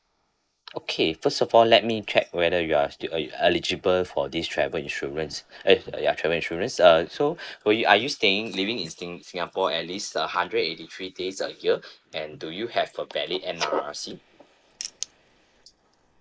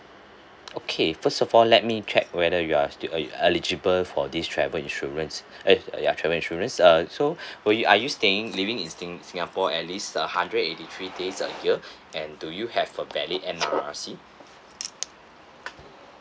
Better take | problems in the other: second | noise reduction (neural mask model Resemble Enhance denoiser)

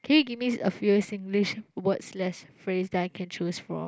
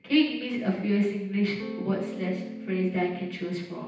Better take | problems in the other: first | background sound (Electric guitar / Strum); 10 dB below the speech // room echo; dies away in 0.9 s

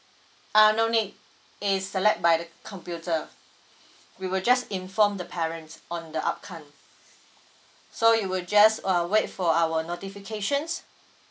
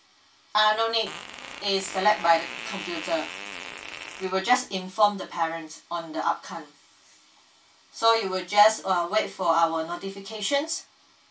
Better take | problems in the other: first | background sound (Fart); 12 dB below the speech // room echo; dies away in 0.2 s

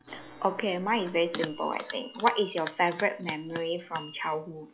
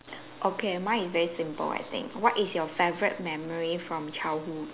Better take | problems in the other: second | noise reduction (classical method log-MMSE)

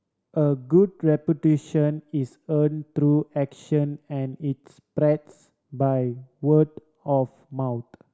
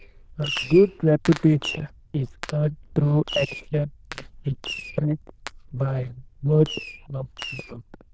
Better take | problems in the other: first | noise reduction (neural diffusion model UNIVERSE++)

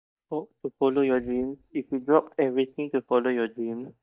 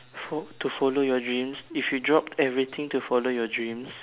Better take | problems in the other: second | noise reduction (neural mask model DeepFilterNet 3)

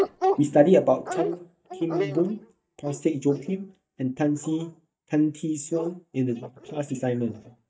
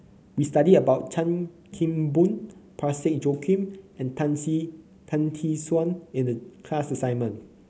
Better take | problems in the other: second | noise reduction (neural mask model DeepFilterNet 3)

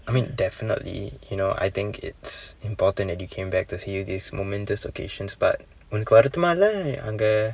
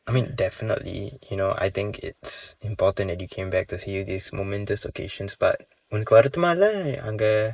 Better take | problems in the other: first | noise reduction (neural mask model Resemble Enhance denoiser)

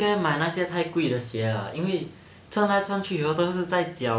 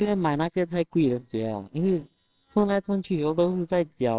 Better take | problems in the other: first | noise reduction (neural separator model SepFormer WHAMR!)

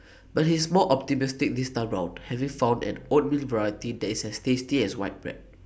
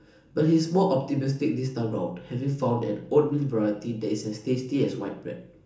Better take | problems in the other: first | room echo; dies away in 0.7 s

